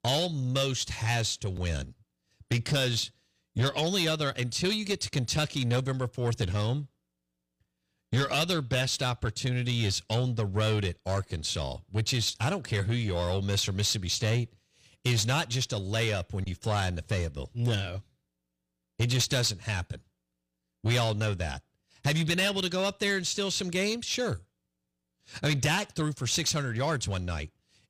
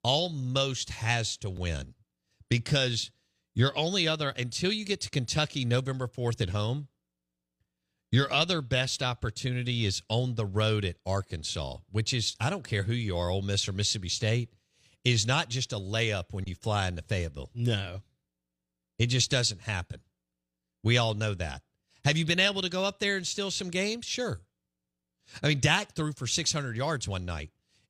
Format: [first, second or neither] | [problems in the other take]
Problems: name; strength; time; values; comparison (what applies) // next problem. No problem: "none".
second | distortion; slight; 10 dB below the speech